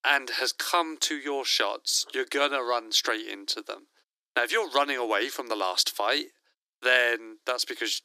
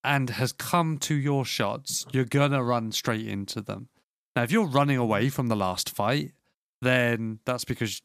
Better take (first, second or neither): second